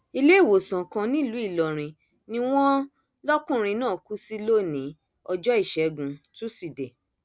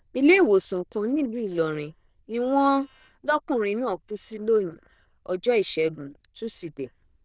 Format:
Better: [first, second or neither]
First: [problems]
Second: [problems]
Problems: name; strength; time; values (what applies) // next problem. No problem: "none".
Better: first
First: none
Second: noise reduction (neural diffusion model UNIVERSE++)